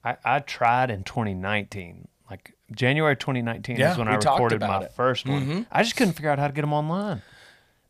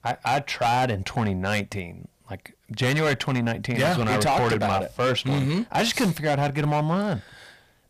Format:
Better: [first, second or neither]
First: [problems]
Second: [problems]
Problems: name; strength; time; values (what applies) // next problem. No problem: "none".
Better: first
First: none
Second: distortion; heavy; 13% of the sound clipped